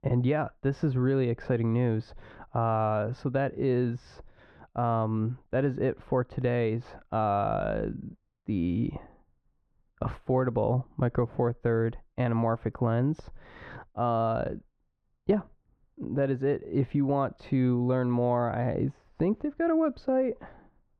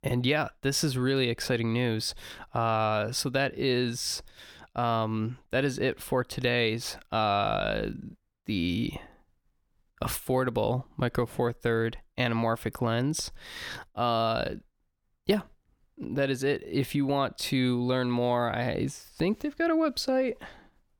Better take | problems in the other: second | muffled; very; fading above 1 kHz

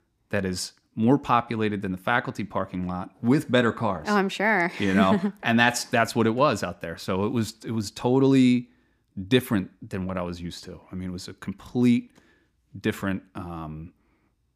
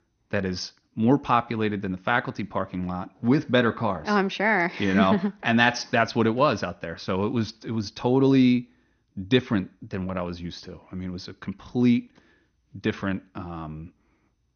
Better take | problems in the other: first | garbled, watery; slightly; nothing above 6.5 kHz

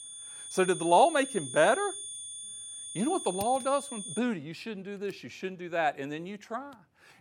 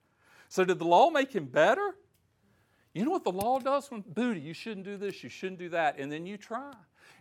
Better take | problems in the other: second | high-pitched whine; loud; until 4 s; 9 kHz, 9 dB below the speech

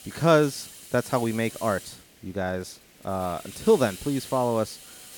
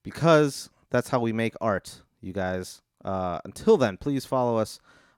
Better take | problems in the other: second | hiss; noticeable; throughout; 15 dB below the speech

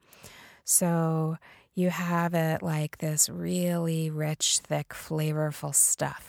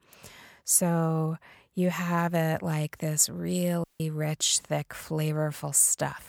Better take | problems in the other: first | audio cutting out; at 4 s

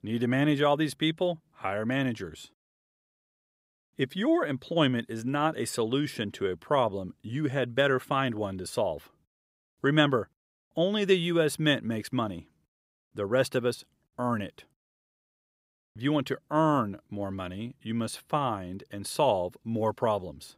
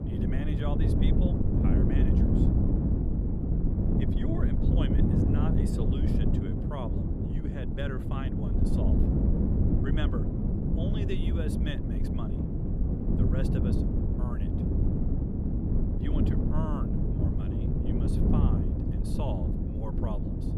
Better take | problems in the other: first | wind noise on the microphone; heavy; 5 dB above the speech

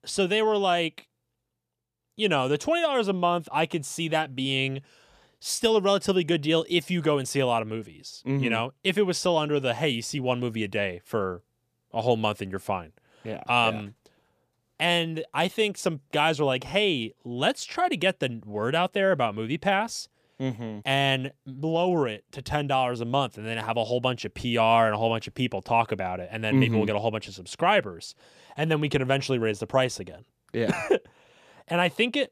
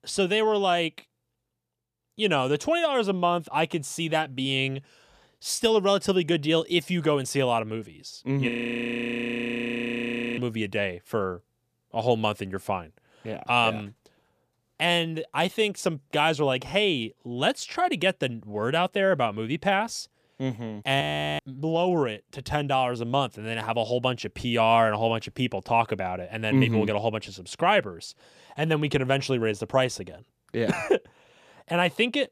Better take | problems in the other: first | audio freezing; at 8.5 s for 2 s and at 21 s

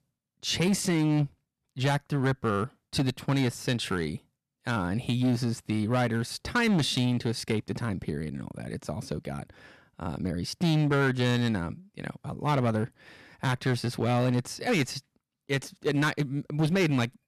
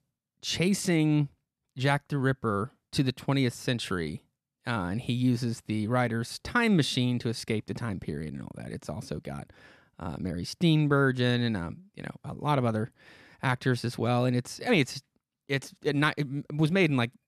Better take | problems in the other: second | distortion; slight; 7% of the sound clipped

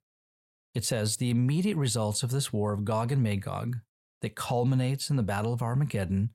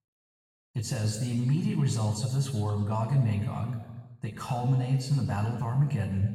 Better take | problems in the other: first | room echo; noticeable; dies away in 1.2 s // off-mic speech; far

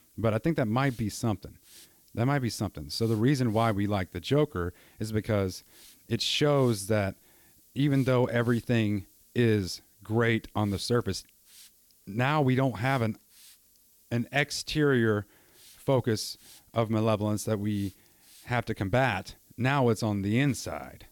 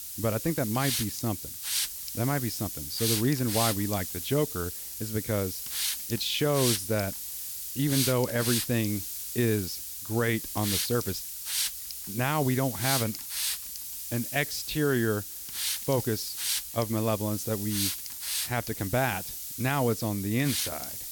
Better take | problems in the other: first | hiss; loud; throughout; 2 dB below the speech; faint in the first

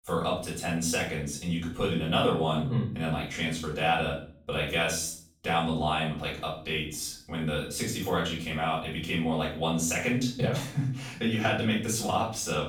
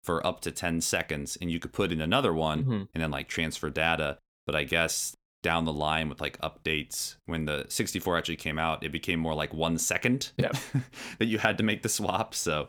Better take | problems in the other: second | off-mic speech; far // room echo; noticeable; dies away in 0.5 s

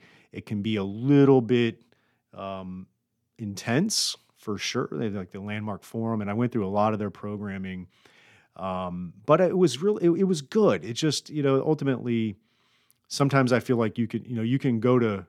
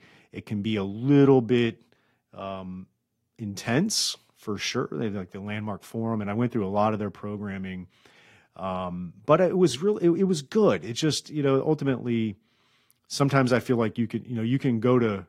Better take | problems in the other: first | garbled, watery; slightly

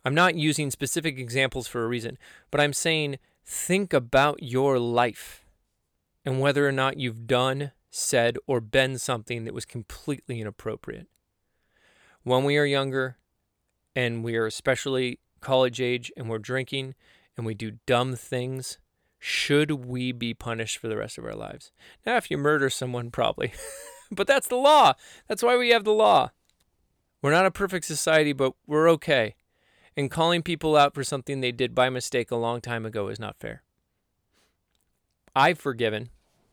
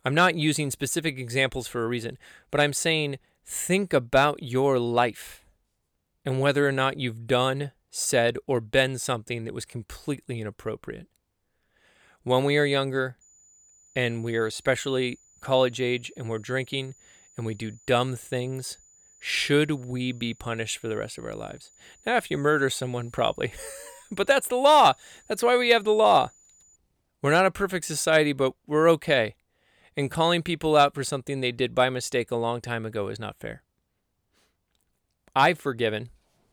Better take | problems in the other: first | high-pitched whine; faint; from 13 to 27 s; 7 kHz, 30 dB below the speech

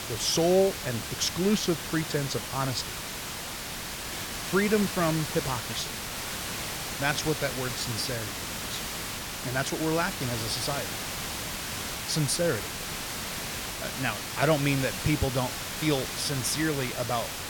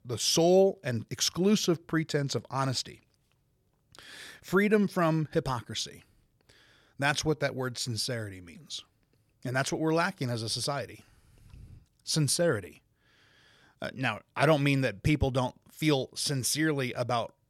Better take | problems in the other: second | hiss; loud; throughout; 4 dB below the speech

